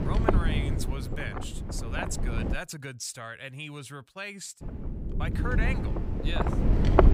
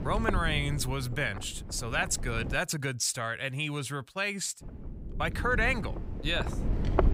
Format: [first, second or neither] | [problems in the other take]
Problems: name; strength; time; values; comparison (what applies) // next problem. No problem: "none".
second | wind noise on the microphone; heavy; until 2.5 s and from 4.5 s on; 2 dB above the speech; occasional gusts in the second